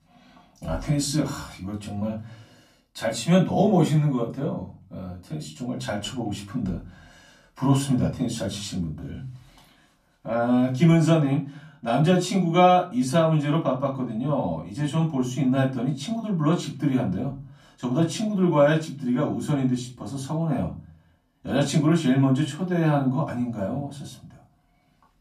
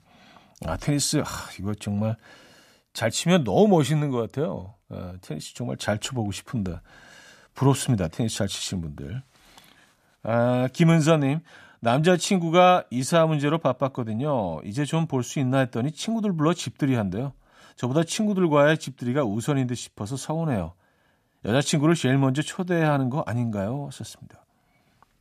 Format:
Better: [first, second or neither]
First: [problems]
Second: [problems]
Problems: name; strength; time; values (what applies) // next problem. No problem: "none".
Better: second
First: off-mic speech; far // room echo; very slight; dies away in 0.3 s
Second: none